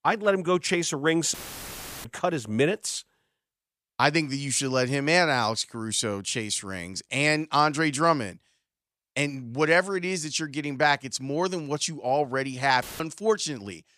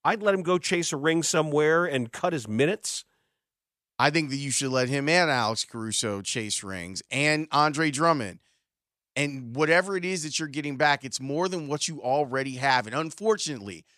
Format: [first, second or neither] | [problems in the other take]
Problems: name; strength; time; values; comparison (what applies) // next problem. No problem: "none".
second | audio cutting out; filled with static; at 1.5 s for 0.5 s and at 13 s